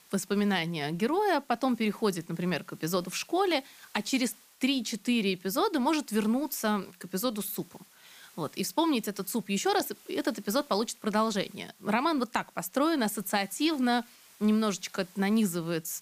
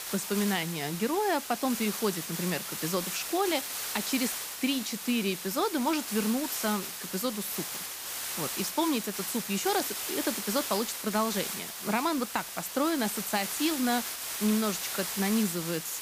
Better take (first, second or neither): first